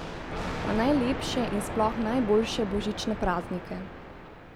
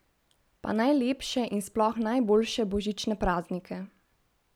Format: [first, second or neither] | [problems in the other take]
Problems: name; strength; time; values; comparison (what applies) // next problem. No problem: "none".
second | background sound (Thunder); 6 dB below the speech